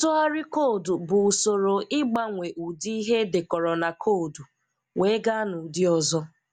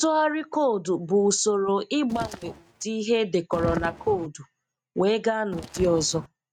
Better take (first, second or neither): first